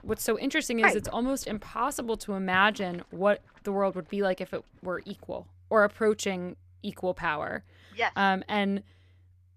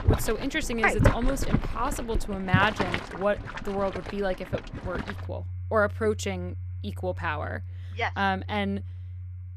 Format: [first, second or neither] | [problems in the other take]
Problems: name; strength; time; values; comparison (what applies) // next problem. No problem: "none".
first | household noises; loud; throughout; 4 dB below the speech; faint in the first